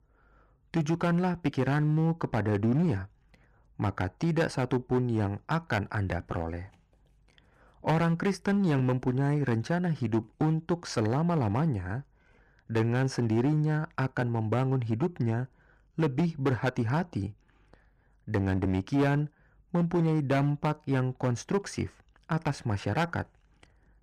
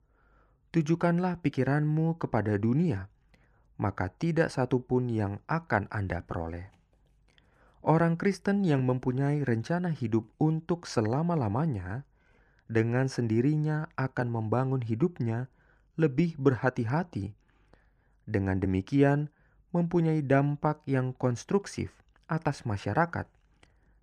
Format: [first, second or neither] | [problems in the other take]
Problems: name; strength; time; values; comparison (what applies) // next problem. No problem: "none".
second | distortion; slight; 7% of the sound clipped